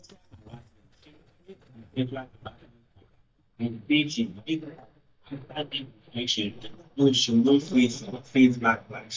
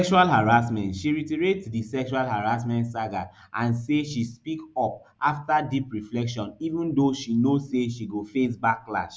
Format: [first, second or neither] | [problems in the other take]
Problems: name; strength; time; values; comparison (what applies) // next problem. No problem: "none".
second | noise reduction (neural mask model DeepFilterNet 3)